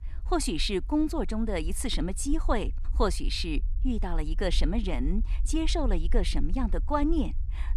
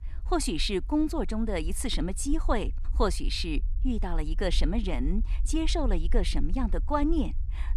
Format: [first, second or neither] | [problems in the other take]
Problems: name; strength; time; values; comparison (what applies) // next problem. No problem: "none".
neither | low rumble; faint; throughout; 25 dB below the speech; the same in both